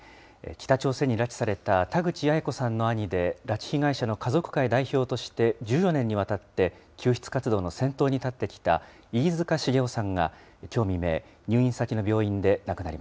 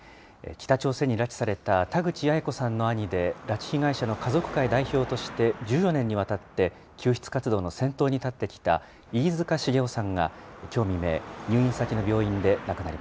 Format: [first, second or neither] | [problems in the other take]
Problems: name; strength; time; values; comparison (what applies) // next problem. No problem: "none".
first | background sound (Car passing by / Traffic noise, roadway noise / Engine); 16 dB below the speech